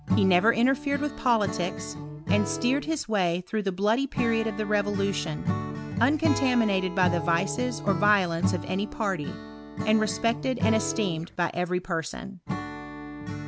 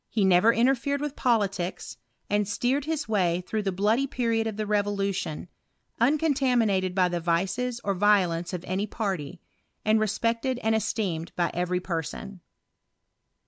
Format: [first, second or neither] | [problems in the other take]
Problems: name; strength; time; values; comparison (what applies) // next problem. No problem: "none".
second | background sound (Acoustic guitar / Strum); 6 dB below the speech